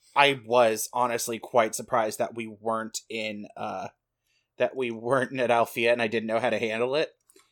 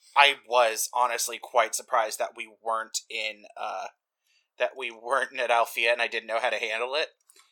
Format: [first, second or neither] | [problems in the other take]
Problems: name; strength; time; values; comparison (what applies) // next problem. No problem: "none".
first | thin; very; fading below 800 Hz